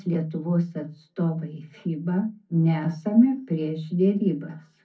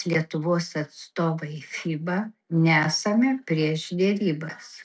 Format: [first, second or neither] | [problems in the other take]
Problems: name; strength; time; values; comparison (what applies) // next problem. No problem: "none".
second | room echo; dies away in 0.4 s